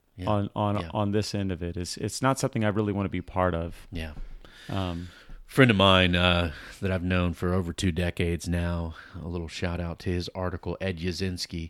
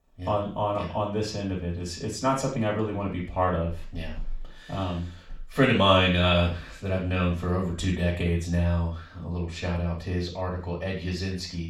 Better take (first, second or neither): first